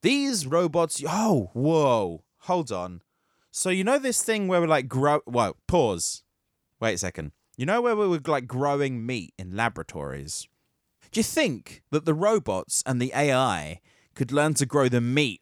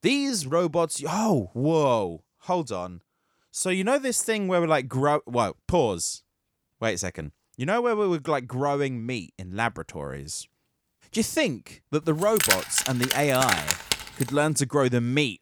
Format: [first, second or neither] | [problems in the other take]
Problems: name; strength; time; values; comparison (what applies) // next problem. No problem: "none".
first | jangling keys; loud; from 12 to 14 s; peak 3 dB above the speech